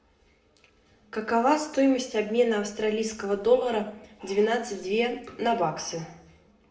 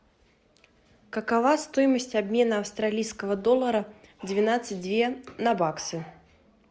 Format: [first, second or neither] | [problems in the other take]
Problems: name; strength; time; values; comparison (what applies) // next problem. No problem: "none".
second | room echo; dies away in 0.6 s